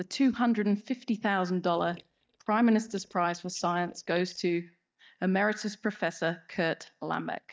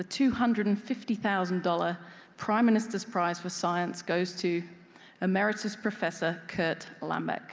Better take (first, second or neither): second